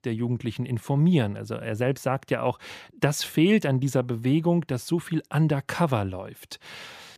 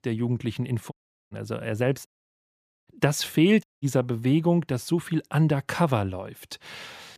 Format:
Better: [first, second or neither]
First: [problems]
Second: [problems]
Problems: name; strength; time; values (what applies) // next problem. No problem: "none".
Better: first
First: none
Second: audio cutting out; at 1 s, at 2 s for 1 s and at 3.5 s